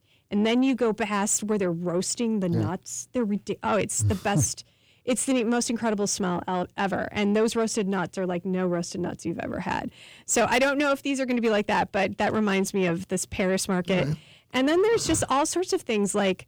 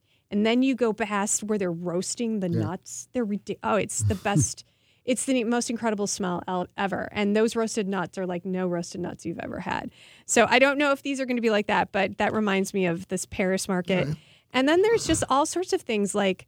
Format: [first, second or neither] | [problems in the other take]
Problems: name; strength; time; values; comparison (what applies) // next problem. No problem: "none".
second | distortion; slight; 10 dB below the speech